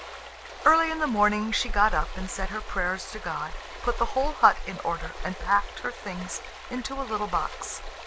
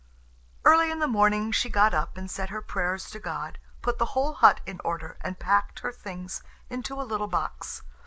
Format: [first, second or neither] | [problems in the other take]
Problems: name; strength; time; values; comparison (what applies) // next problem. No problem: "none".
second | background sound (Stream); 14 dB below the speech